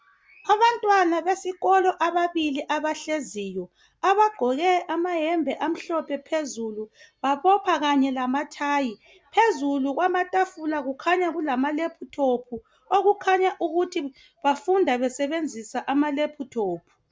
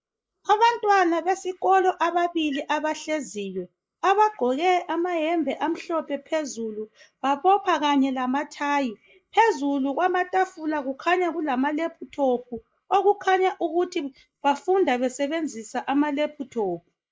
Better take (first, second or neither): first